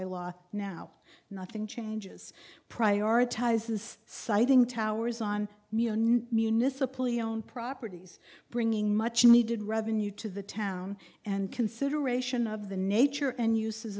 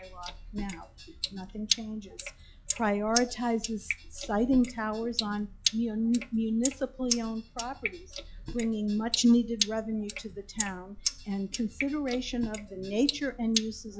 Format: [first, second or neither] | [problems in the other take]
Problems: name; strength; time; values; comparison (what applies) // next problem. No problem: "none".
first | noise reduction (classical method log-MMSE)